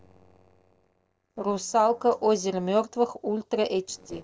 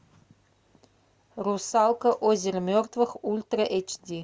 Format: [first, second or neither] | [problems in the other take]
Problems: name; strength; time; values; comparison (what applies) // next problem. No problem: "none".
second | noise reduction (neural separator model SepFormer DNS4)